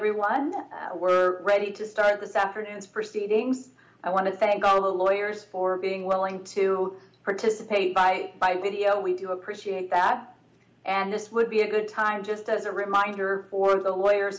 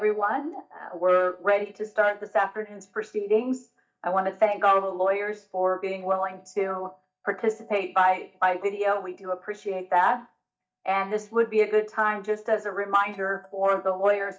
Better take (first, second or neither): first